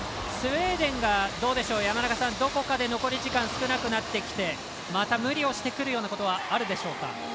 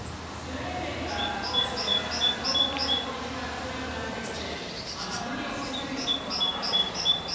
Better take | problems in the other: first | background sound (Bird); 3 dB above the speech // room echo; dies away in 2.1 s

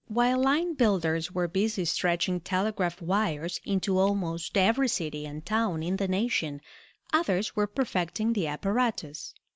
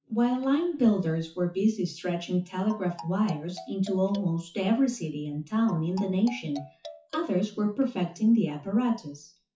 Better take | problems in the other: first | noise reduction (classical method WPE with log-MMSE)

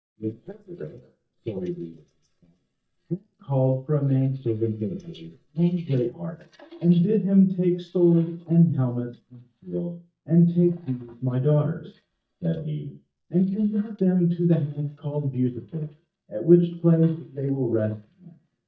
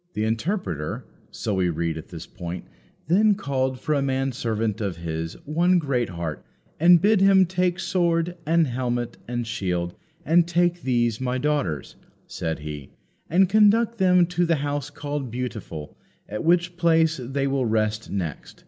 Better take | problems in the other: second | noise reduction (neural mask model DeepFilterNet 3)

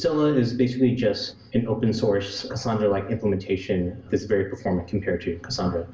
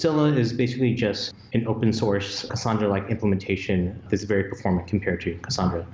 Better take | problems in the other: second | room echo; dies away in 0.1 s

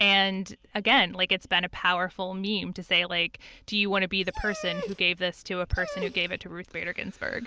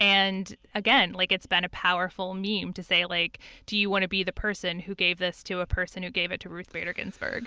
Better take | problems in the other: second | background sound (Dog); 12 dB below the speech

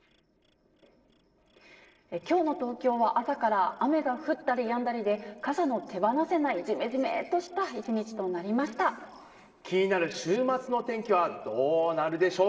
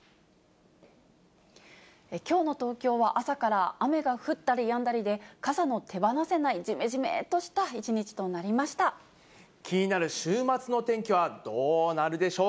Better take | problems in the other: second | noise reduction (neural separator model SepFormer DNS4)

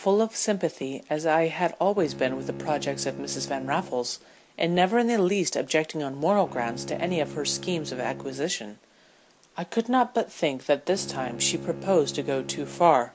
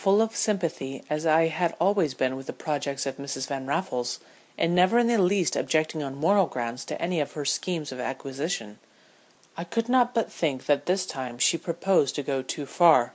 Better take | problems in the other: second | background sound (Bowed string instrument); 15 dB below the speech

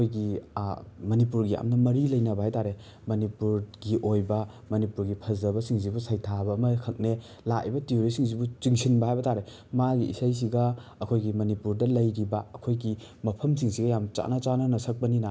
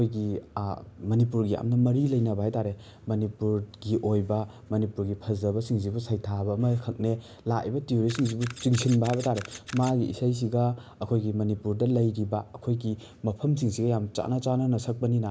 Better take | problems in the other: first | background sound (Camera); 18 dB below the speech

